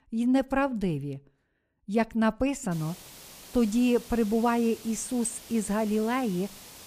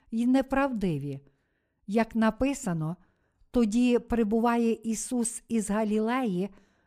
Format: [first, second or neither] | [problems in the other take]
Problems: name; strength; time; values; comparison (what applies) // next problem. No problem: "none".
second | hiss; noticeable; from 2.5 s on; 20 dB below the speech